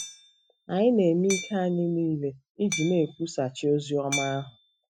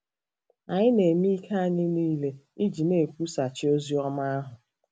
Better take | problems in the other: second | noise reduction (classical method Wiener filter)

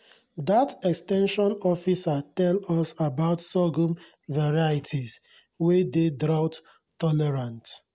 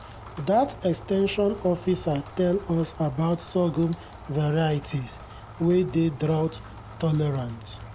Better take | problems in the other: first | background sound (Rain); 16 dB below the speech

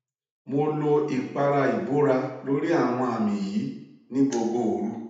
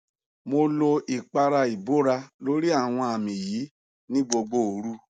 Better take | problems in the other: second | room echo; dies away in 0.8 s

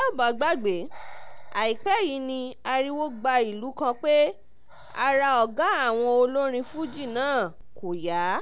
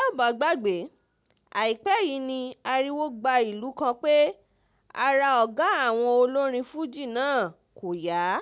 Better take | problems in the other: second | background sound (Breathing); 12 dB below the speech

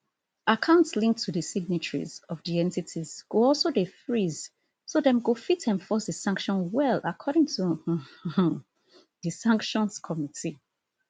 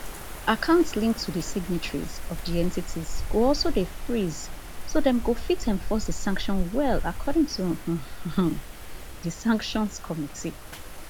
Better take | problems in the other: first | background sound (Wind); 3 dB below the speech

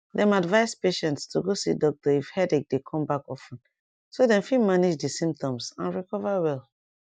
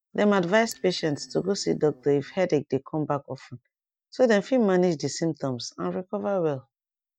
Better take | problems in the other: first | noise reduction (neural mask model DeepFilterNet 3)

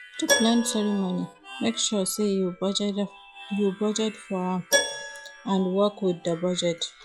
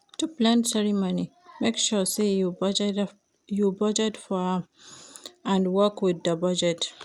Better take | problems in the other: second | noise reduction (classical method log-MMSE)

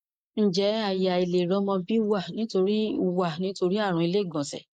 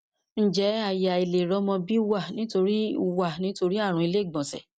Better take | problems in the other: second | noise reduction (neural mask model Resemble Enhance denoiser)

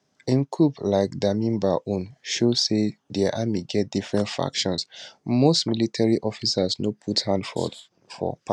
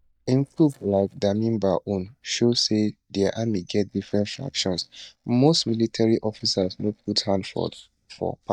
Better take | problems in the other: first | noise reduction (neural mask model DeepFilterNet 3)

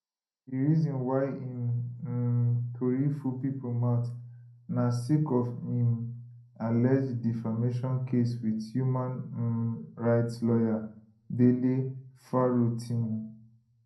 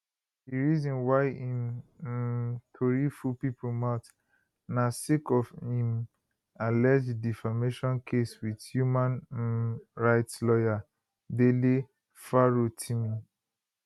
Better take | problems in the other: second | room echo; dies away in 0.6 s

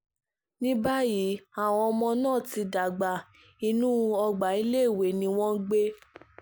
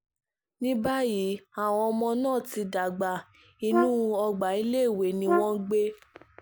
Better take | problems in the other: first | background sound (Brass instrument); 3 dB below the speech

